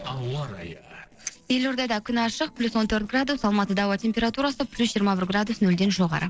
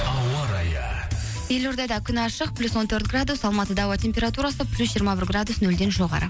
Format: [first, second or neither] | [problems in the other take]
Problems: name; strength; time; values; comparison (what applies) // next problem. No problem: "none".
second | noise reduction (neural separator model SepFormer DNS4)